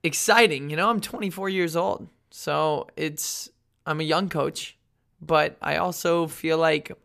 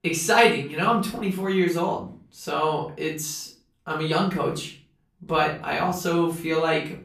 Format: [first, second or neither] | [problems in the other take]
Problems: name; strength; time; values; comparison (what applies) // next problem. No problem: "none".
first | off-mic speech; far // room echo; slight; dies away in 0.4 s